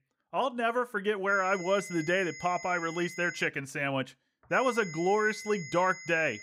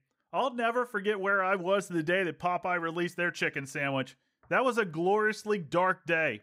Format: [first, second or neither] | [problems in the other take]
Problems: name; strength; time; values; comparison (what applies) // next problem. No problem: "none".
second | high-pitched whine; noticeable; from 1.5 to 3.5 s and from 4.5 s on; 2 kHz, 15 dB below the speech